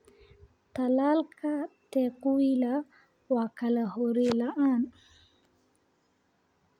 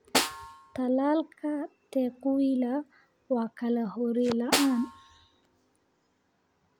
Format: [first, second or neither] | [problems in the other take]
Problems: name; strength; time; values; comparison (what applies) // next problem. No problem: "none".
first | background sound (Snare drum); 4 dB below the speech